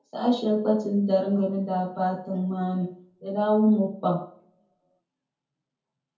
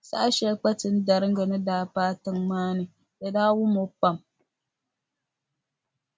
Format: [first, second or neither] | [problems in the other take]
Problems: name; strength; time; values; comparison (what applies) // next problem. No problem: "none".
second | room echo; dies away in 0.5 s